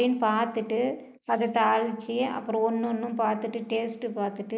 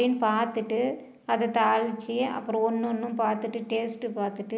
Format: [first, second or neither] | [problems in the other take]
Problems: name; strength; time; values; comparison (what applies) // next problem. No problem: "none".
second | noise reduction (neural mask model Resemble Enhance denoiser)